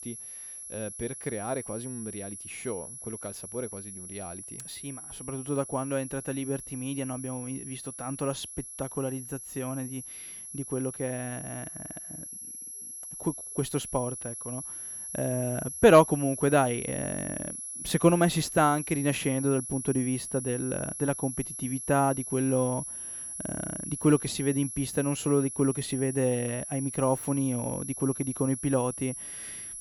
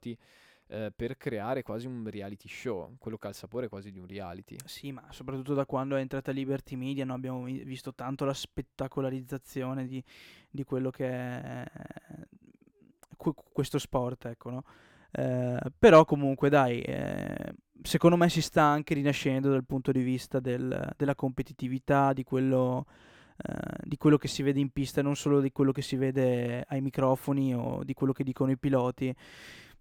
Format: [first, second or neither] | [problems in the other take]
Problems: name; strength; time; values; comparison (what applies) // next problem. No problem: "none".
second | high-pitched whine; loud; throughout; 11 kHz, 8 dB below the speech